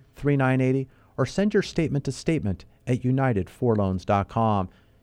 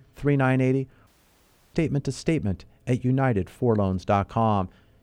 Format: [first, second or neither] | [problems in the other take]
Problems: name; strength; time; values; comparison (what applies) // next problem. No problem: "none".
first | audio cutting out; at 1 s for 0.5 s